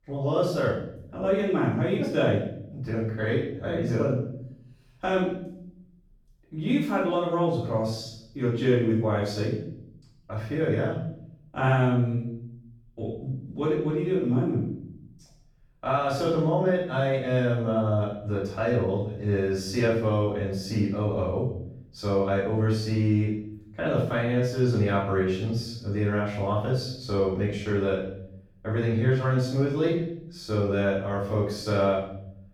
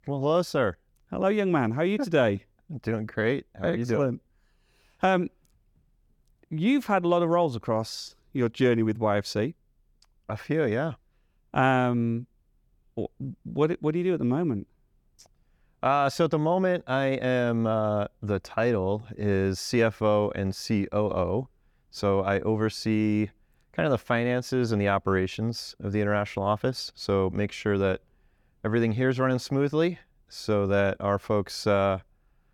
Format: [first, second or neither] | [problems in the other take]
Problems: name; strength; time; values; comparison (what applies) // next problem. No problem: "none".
second | room echo; noticeable; dies away in 0.7 s // off-mic speech; far